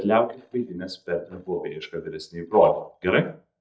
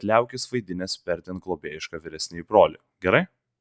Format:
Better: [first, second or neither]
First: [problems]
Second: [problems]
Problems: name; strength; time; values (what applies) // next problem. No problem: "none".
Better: second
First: noise reduction (neural mask model DeepFilterNet 3)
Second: none